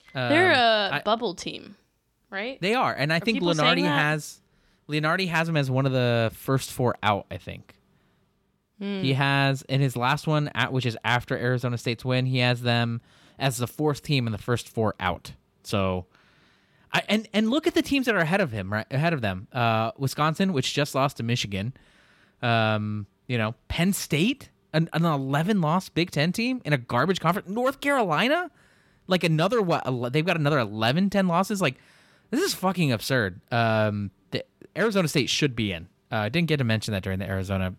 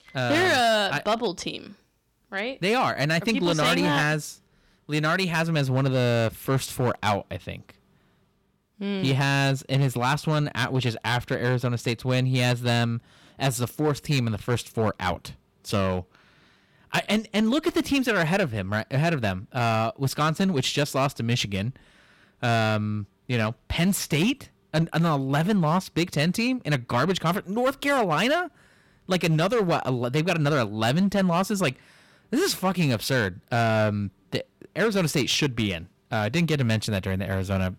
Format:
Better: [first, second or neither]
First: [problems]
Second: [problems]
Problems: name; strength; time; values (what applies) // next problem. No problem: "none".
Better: first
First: none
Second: distortion; slight; 7% of the sound clipped